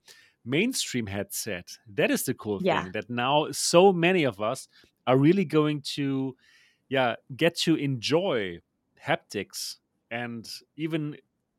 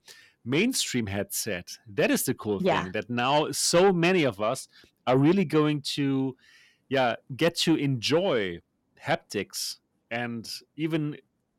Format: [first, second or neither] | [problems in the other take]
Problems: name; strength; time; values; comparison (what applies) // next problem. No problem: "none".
first | distortion; slight; 10 dB below the speech